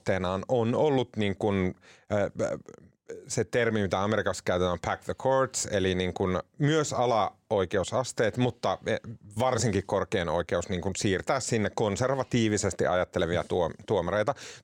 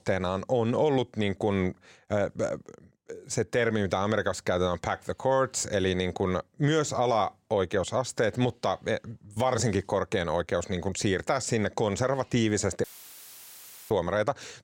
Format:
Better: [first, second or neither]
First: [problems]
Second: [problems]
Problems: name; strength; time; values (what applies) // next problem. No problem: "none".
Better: first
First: none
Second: audio cutting out; filled with static; at 13 s for 1 s